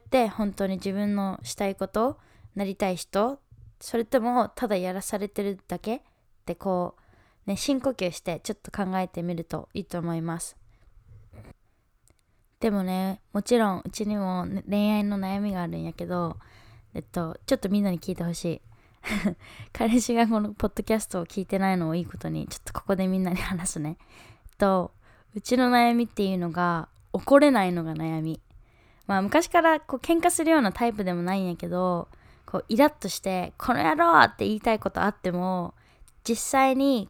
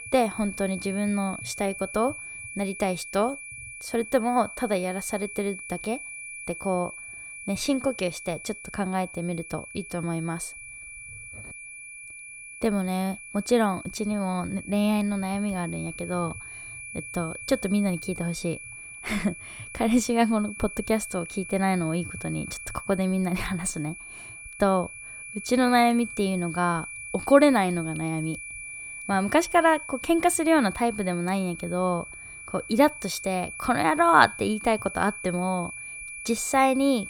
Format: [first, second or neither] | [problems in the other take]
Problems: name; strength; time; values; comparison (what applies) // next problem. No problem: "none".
first | high-pitched whine; noticeable; throughout; 2.5 kHz, 10 dB below the speech